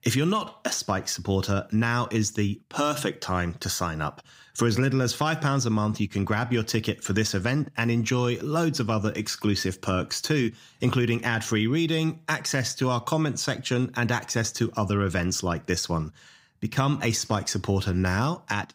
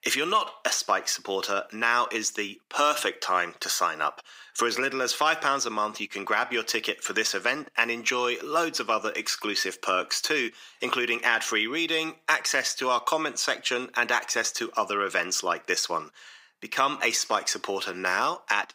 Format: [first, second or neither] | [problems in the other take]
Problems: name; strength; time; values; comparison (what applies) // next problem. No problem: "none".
first | thin; very; fading below 400 Hz